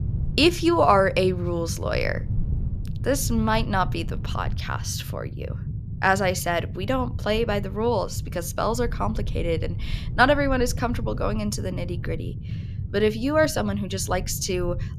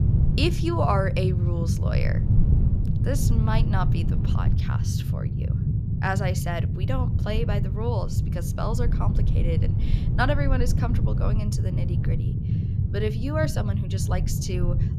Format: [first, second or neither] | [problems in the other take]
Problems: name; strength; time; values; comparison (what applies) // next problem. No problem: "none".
first | low rumble; loud; throughout; 6 dB below the speech; faint in the first